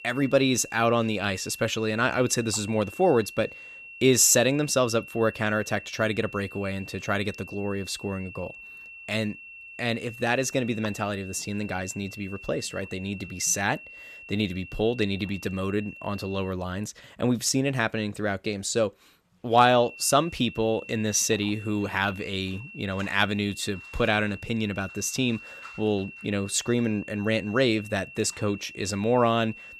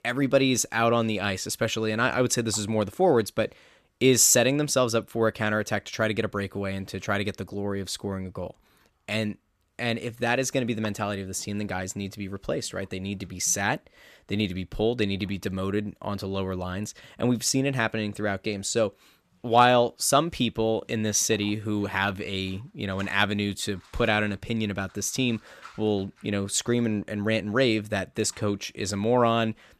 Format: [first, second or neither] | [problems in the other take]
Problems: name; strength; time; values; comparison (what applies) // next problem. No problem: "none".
second | high-pitched whine; noticeable; until 16 s and from 20 s on; 2.5 kHz, 15 dB below the speech